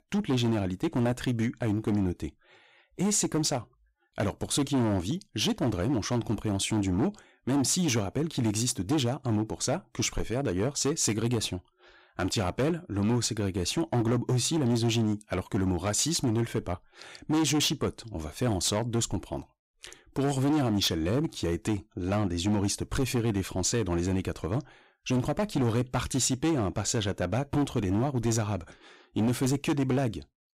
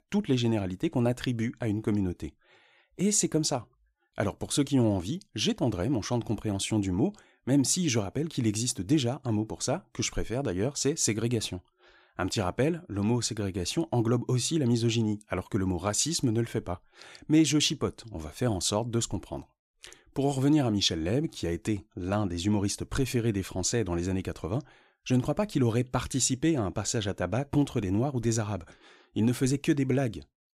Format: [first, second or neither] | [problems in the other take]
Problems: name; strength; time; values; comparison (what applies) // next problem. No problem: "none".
second | distortion; slight; 12% of the sound clipped